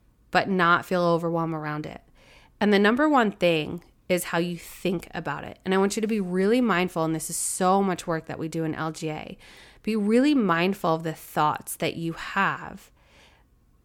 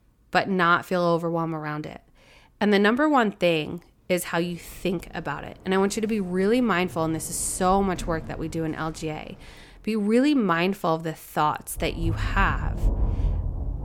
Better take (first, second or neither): first